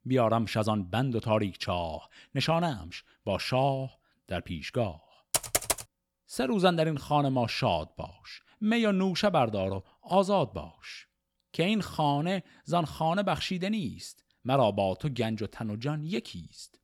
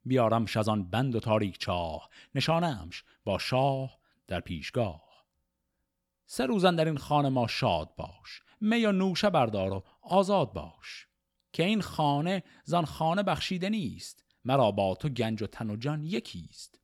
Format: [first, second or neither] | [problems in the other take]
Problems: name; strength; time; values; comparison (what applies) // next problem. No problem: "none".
second | keyboard typing; loud; at 5.5 s; peak 2 dB above the speech